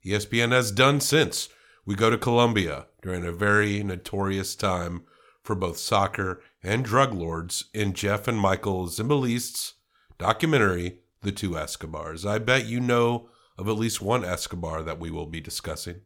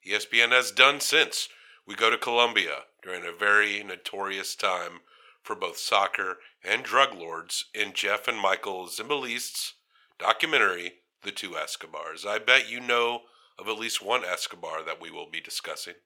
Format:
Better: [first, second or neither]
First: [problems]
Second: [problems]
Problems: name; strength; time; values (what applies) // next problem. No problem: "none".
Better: first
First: none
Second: thin; very; fading below 550 Hz